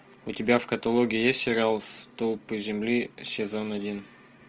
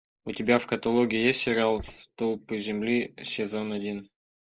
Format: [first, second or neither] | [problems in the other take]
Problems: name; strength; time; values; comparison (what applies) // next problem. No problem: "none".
first | noise reduction (neural mask model Resemble Enhance denoiser)